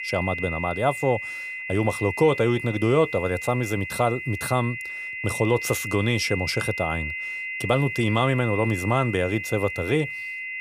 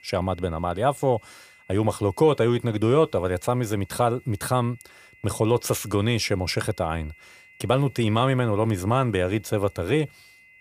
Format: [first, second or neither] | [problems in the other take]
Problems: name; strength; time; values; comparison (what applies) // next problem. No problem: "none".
second | high-pitched whine; loud; throughout; 2 kHz, 6 dB below the speech; faint in the second